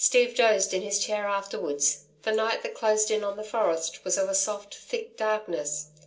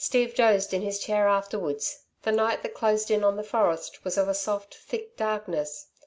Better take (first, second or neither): second